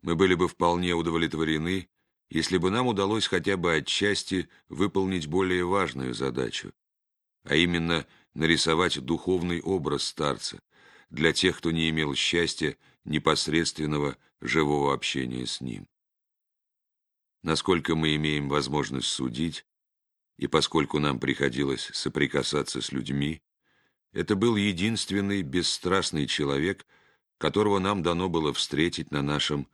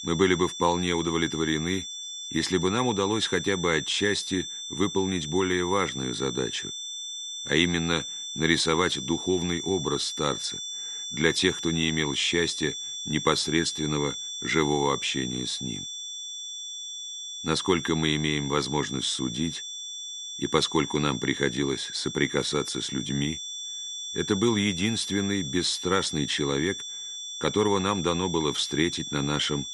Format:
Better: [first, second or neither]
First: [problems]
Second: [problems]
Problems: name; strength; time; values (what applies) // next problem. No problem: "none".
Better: first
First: none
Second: high-pitched whine; loud; throughout; 3.5 kHz, 7 dB below the speech